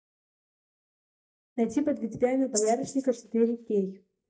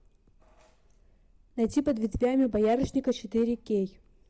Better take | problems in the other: second | noise reduction (neural mask model DeepFilterNet 3)

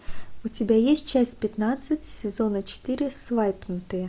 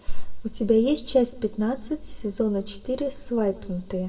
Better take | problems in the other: first | room echo; dies away in 1.3 s

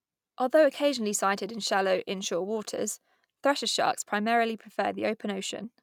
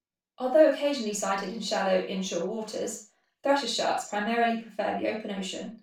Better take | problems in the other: first | room echo; dies away in 0.3 s

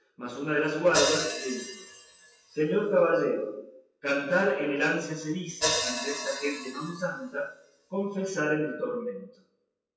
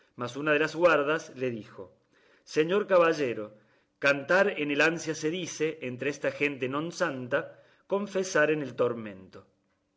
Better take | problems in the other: second | noise reduction (classical method WPE with log-MMSE)

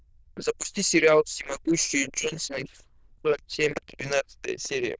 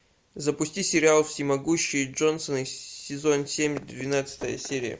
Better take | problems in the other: second | noise reduction (neural diffusion model UNIVERSE++)

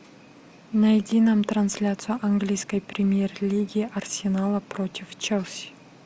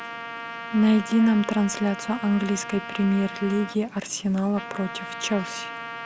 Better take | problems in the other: first | background sound (Trumpet); 12 dB below the speech

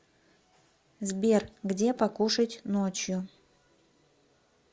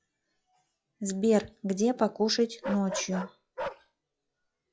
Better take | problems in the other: first | noise reduction (classical method log-MMSE)

